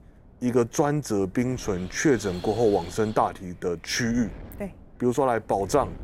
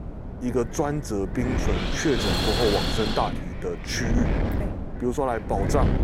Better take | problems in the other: first | wind noise on the microphone; heavy; 1 dB below the speech; occasional gusts in the first

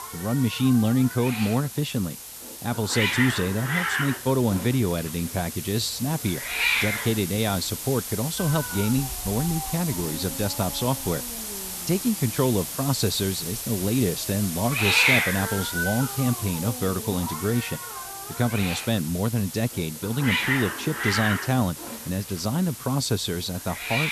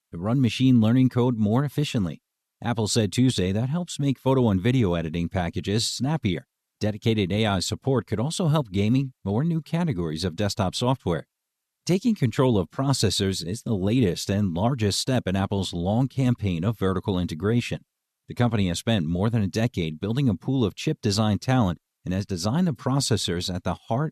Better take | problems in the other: second | hiss; loud; throughout; 2 dB below the speech

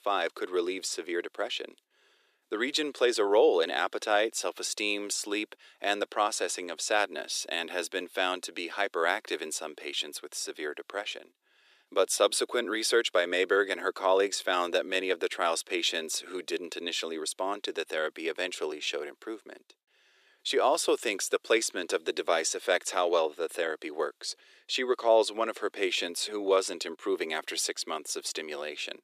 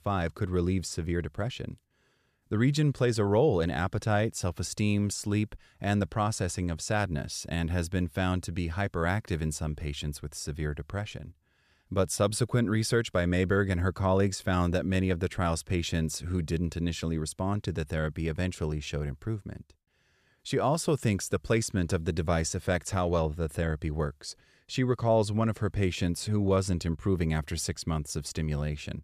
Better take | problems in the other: second | thin; very; fading below 350 Hz

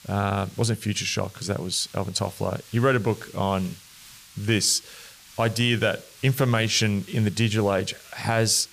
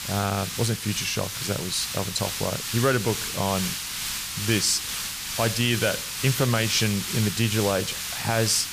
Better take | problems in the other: first | hiss; loud; throughout; 3 dB below the speech; faint in the first

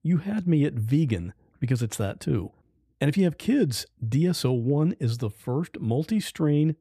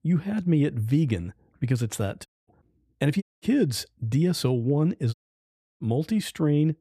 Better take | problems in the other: first | audio cutting out; at 2.5 s, at 3 s and at 5 s for 0.5 s

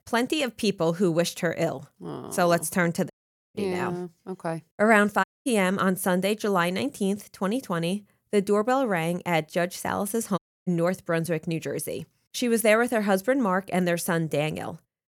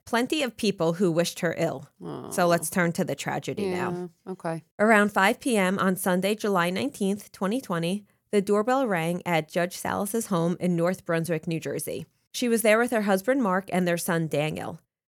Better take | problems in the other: second | audio cutting out; at 3 s, at 5 s and at 10 s

